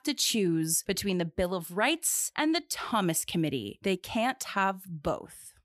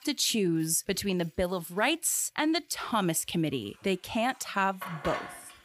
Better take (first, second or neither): first